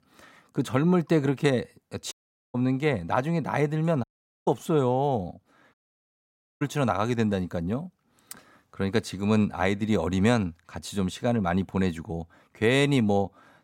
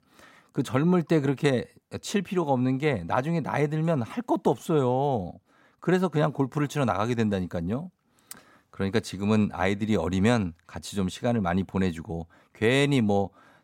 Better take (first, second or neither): second